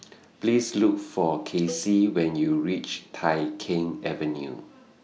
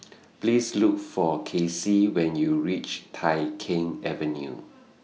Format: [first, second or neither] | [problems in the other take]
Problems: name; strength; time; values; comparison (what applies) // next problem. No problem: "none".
second | background sound (Cowbell); 18 dB below the speech